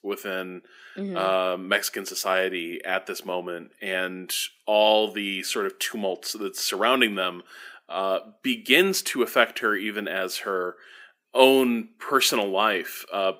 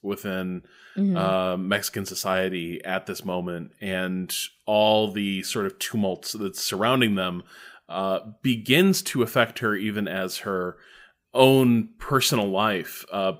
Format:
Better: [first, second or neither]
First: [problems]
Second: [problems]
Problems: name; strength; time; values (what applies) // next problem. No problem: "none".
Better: second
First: thin; very slightly; fading below 250 Hz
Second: none